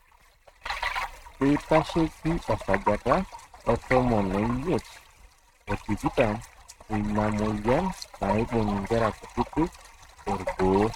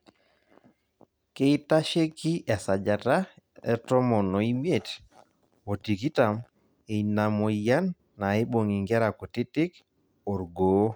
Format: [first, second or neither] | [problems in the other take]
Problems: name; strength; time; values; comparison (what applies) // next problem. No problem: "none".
second | noise reduction (neural mask model RNNoise)